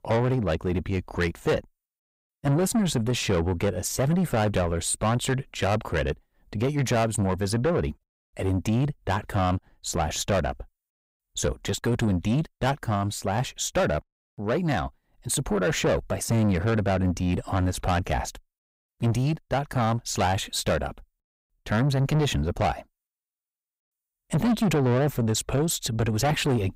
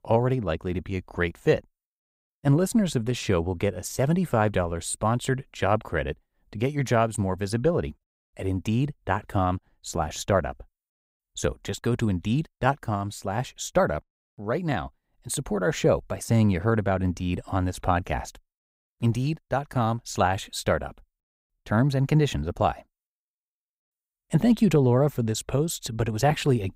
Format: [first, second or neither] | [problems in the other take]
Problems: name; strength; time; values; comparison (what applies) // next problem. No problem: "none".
second | distortion; heavy; 7 dB below the speech